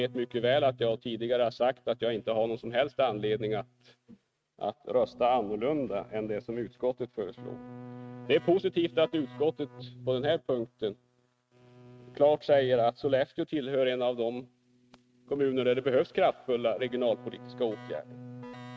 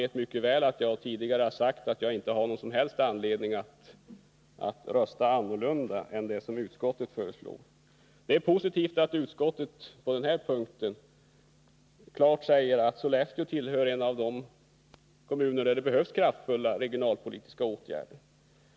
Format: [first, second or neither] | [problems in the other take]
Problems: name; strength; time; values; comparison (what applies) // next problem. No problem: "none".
second | noise reduction (neural mask model RNNoise)